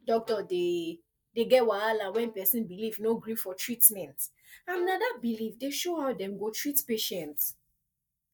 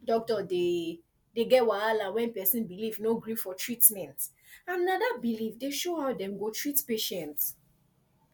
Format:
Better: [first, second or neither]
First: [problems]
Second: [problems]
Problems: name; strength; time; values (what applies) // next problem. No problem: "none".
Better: second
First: noise reduction (neural mask model DeepFilterNet 3)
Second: none